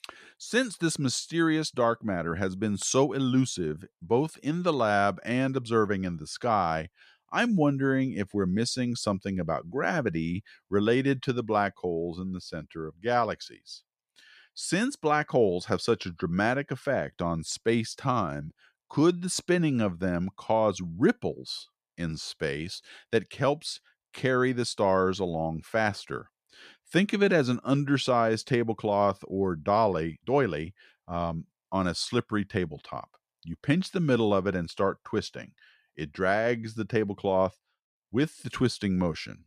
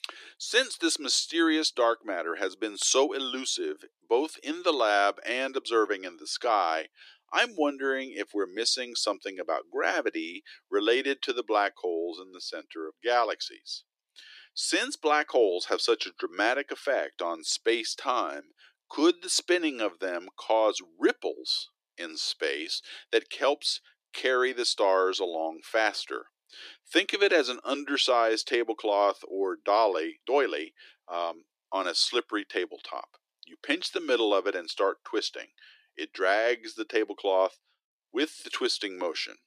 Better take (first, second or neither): first